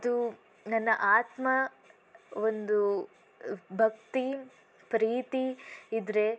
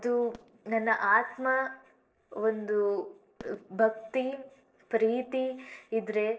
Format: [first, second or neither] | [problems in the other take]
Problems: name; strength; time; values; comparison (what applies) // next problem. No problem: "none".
first | noise reduction (neural separator model SepFormer DNS4)